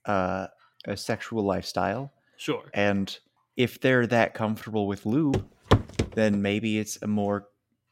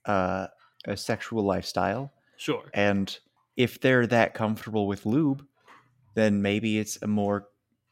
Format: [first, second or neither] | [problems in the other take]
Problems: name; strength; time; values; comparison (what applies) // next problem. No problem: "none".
second | footsteps; loud; at 5.5 s; peak 3 dB above the speech